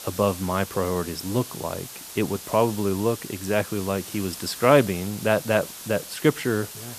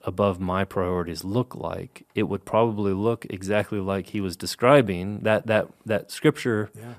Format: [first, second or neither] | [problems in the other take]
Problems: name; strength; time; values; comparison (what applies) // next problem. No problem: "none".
second | hiss; noticeable; throughout; 10 dB below the speech